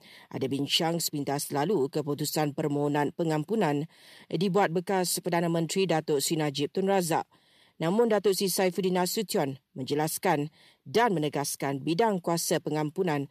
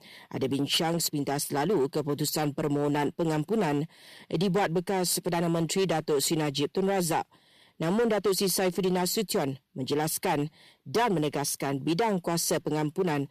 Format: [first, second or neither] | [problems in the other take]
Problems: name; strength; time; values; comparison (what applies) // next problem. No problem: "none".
first | distortion; slight; 9% of the sound clipped